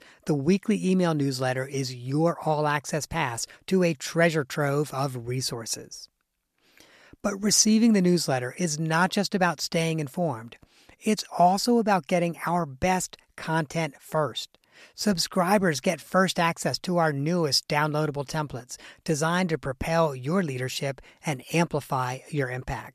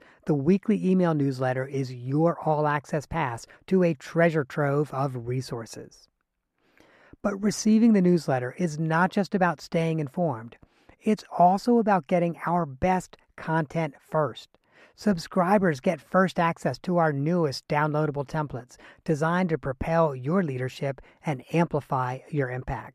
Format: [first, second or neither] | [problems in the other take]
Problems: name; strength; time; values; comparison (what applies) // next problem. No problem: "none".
first | muffled; slightly; fading above 2.5 kHz